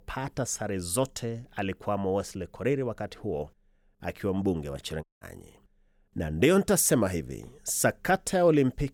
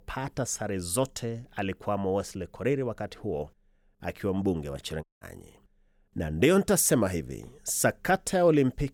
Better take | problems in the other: neither | audio cutting out; at 5 s; the same in both

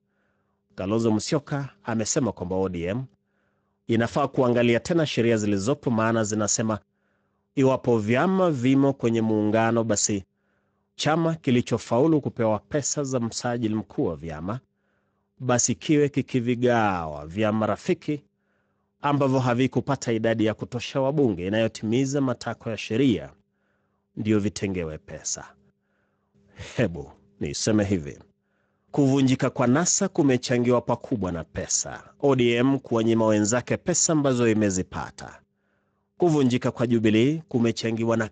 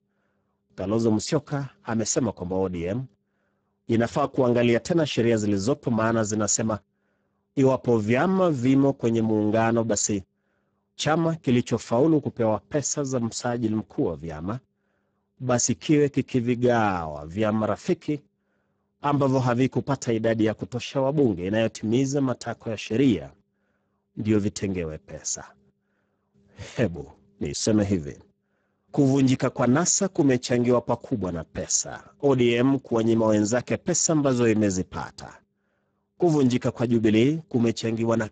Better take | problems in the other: first | garbled, watery; badly; nothing above 7.5 kHz; slightly in the first

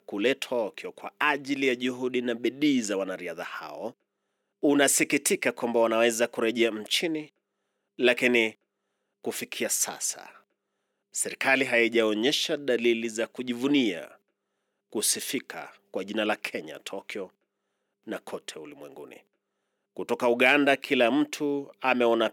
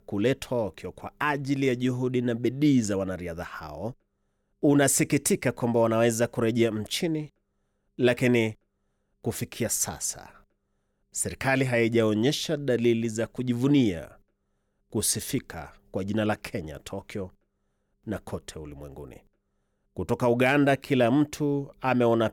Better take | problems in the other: second | thin; very slightly; fading below 250 Hz

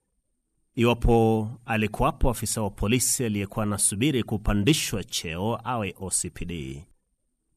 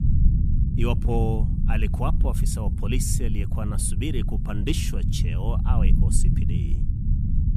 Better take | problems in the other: first | low rumble; loud; throughout; 6 dB below the speech

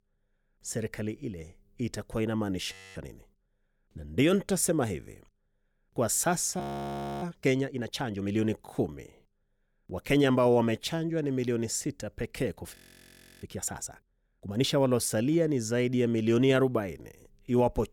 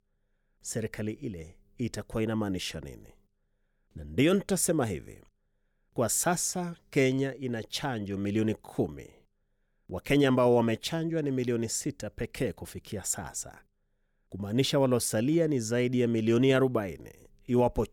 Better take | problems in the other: second | audio freezing; at 2.5 s, at 6.5 s for 0.5 s and at 13 s for 0.5 s

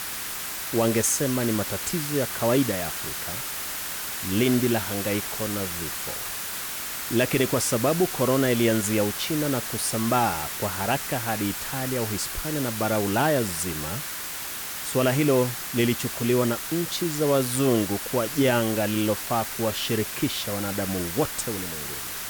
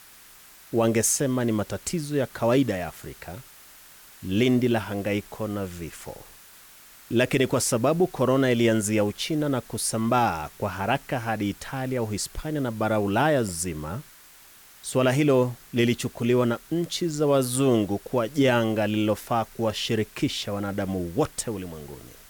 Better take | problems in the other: second | hiss; loud; throughout; 4 dB below the speech; faint in the second

